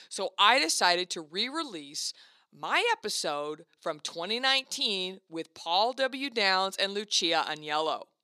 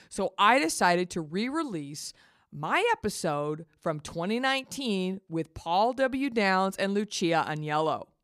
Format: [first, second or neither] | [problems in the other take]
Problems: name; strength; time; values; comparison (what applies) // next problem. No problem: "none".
second | thin; somewhat; fading below 350 Hz